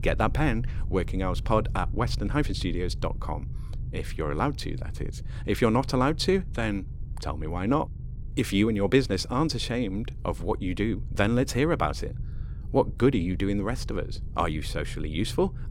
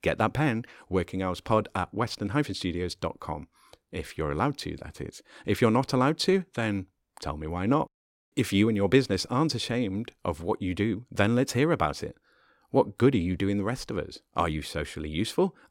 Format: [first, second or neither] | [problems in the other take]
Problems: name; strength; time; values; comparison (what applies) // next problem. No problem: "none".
second | low rumble; faint; throughout; 20 dB below the speech